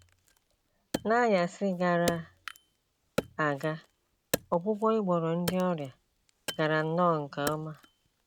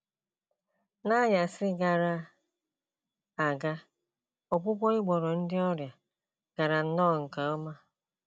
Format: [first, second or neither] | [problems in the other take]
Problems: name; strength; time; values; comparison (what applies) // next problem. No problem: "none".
second | background sound (Wood); 11 dB below the speech